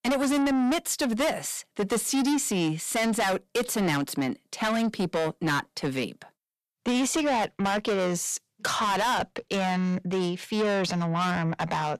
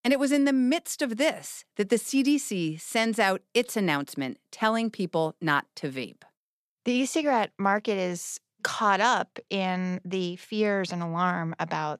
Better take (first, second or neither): second